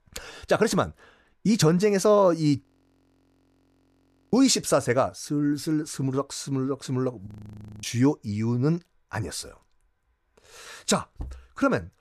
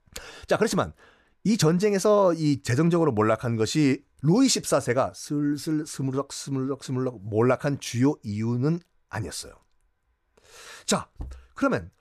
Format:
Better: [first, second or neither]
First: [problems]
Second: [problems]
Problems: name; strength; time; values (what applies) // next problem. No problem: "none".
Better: second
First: audio freezing; at 2.5 s for 1.5 s and at 7.5 s for 0.5 s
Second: none